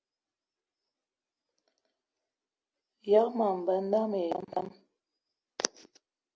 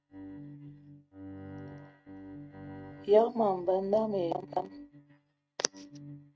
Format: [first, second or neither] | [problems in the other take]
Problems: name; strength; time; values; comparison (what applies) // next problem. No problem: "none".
first | noise reduction (neural mask model RNNoise)